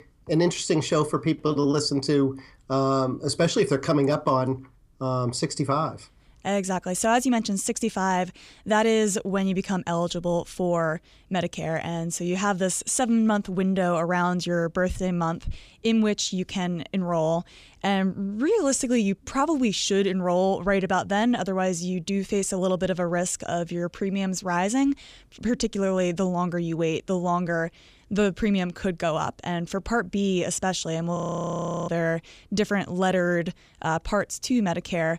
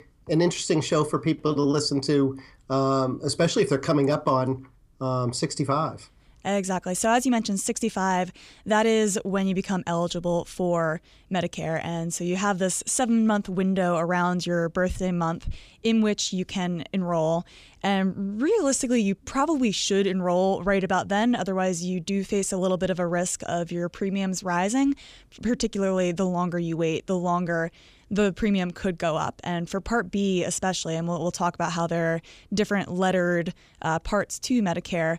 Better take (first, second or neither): second